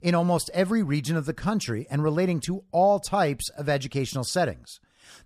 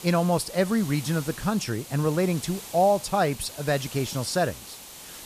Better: first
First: none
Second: hiss; noticeable; throughout; 15 dB below the speech

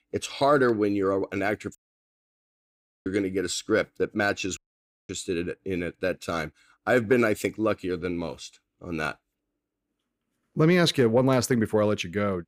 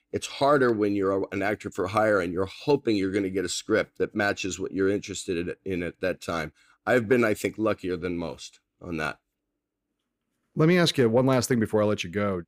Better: second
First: audio cutting out; at 2 s for 1.5 s and at 4.5 s for 0.5 s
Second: none

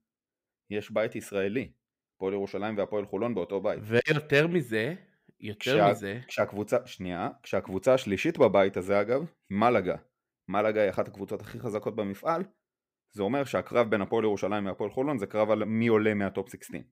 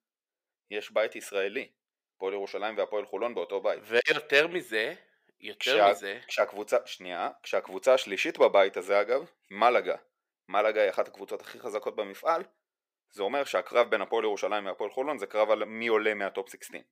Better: first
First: none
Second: thin; somewhat; fading below 550 Hz

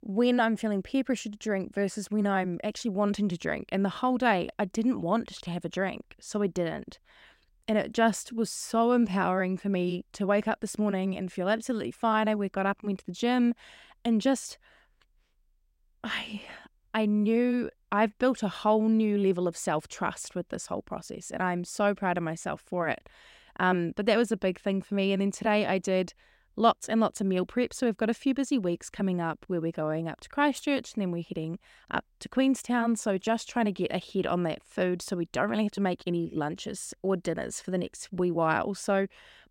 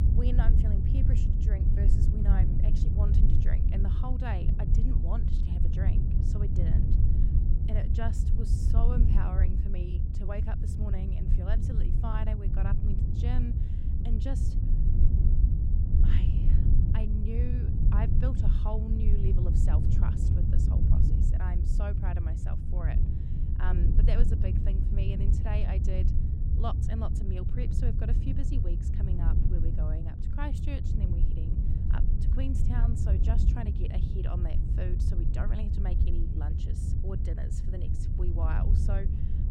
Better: first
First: none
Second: low rumble; loud; throughout; as loud as the speech

